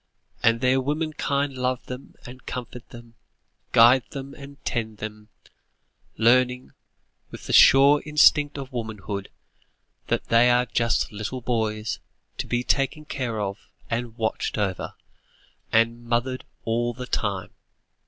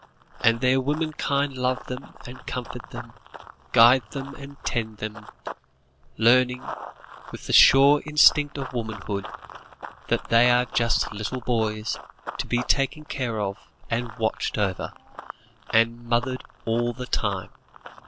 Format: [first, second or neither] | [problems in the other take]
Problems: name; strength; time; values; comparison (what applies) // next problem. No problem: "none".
first | background sound (Run); 15 dB below the speech